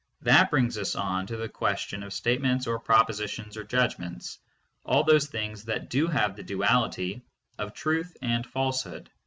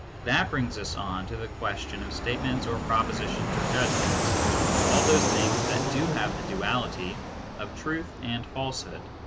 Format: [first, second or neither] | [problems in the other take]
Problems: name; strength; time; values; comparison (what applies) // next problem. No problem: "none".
first | background sound (Fixed-wing aircraft, airplane); 2 dB above the speech